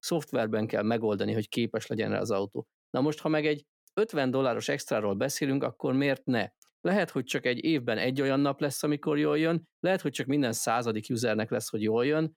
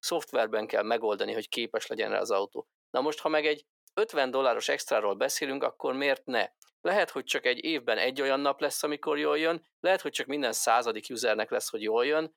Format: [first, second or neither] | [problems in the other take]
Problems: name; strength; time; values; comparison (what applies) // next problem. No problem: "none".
first | thin; somewhat; fading below 550 Hz